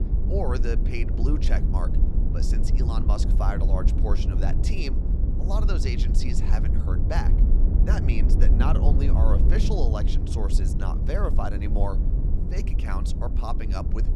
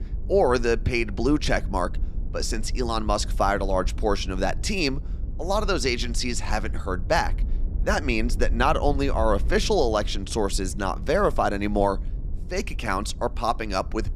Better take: second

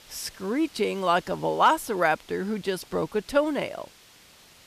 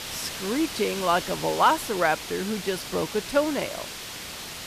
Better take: first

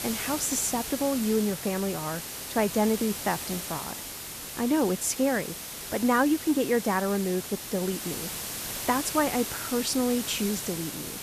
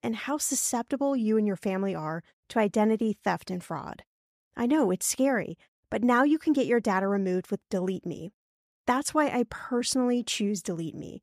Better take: second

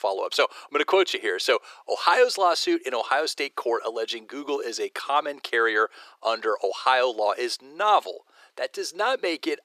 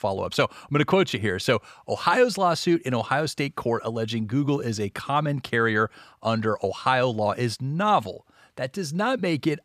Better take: second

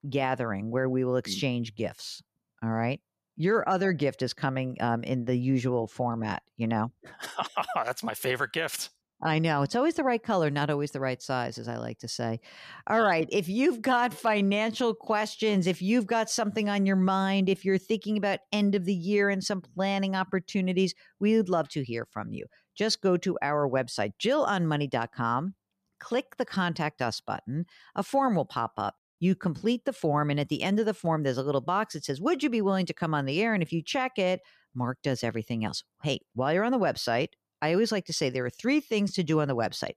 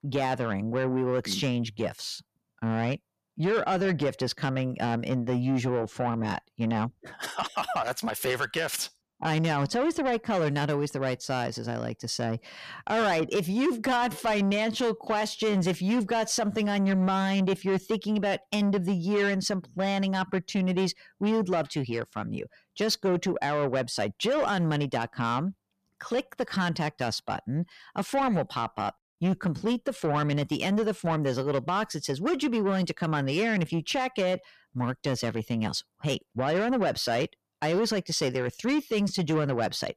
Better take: first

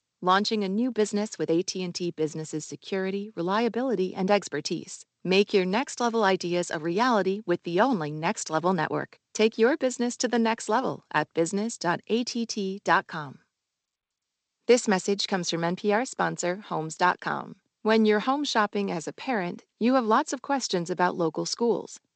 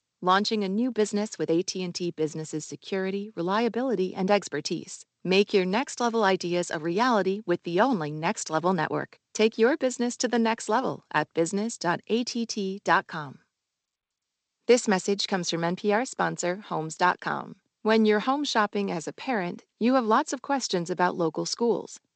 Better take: neither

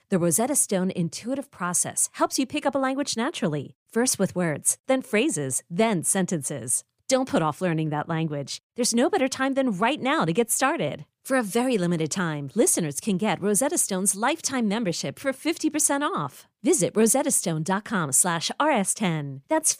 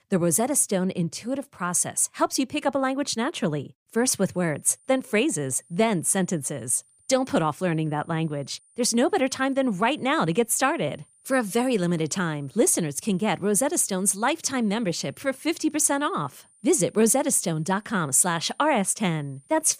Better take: first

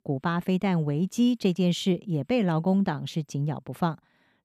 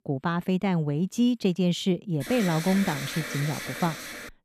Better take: first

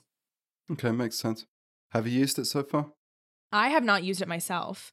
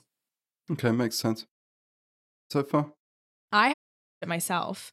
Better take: first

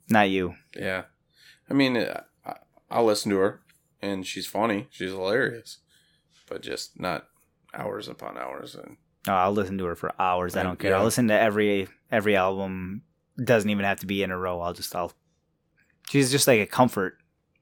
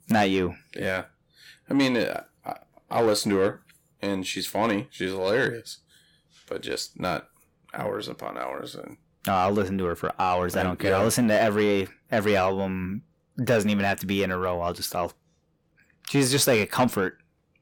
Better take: first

